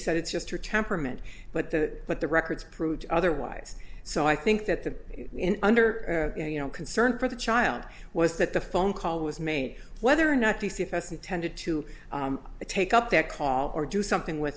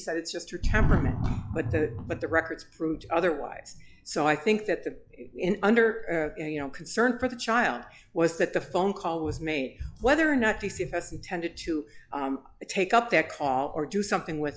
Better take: first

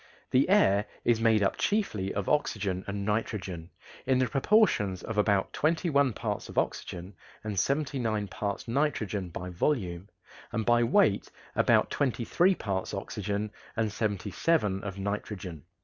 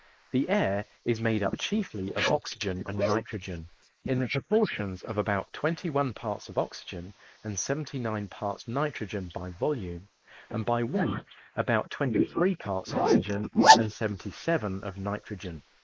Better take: first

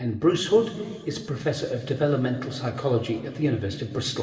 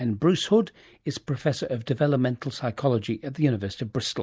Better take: second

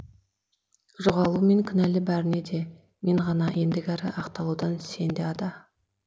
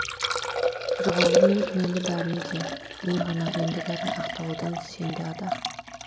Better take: first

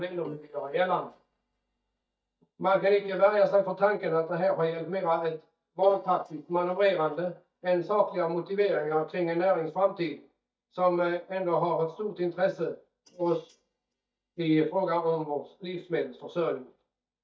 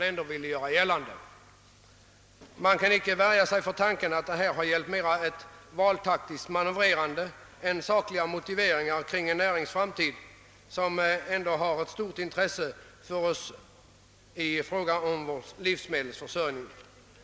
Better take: second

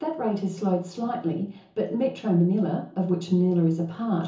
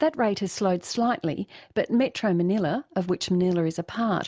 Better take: second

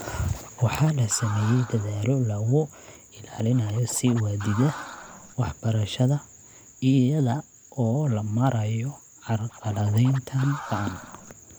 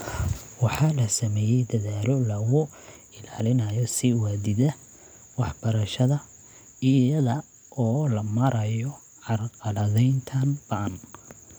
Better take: second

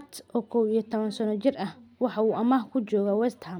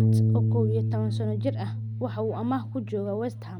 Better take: first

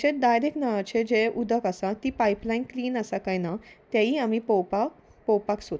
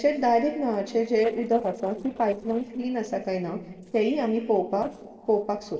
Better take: first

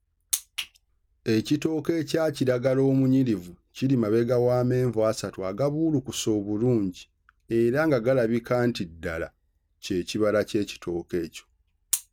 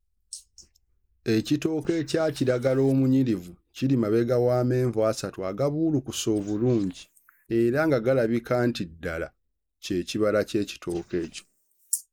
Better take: first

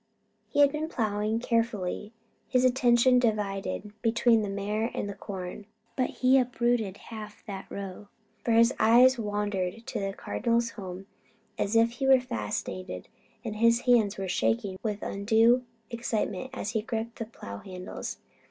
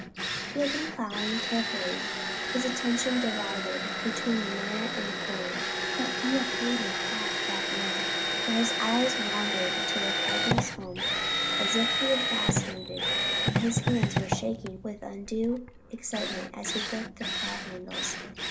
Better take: first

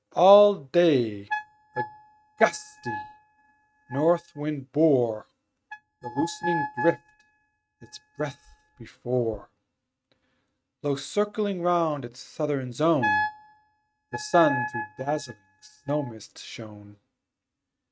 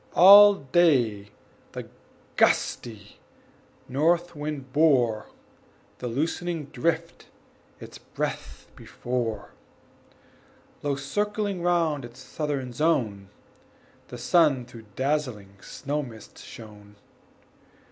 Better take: second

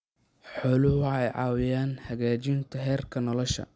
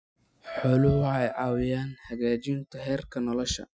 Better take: first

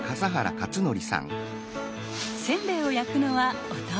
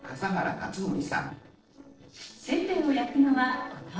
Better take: first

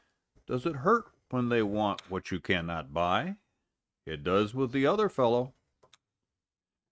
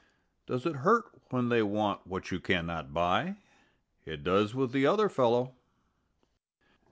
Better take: second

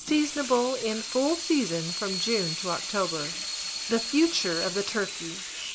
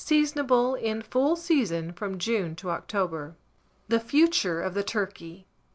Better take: second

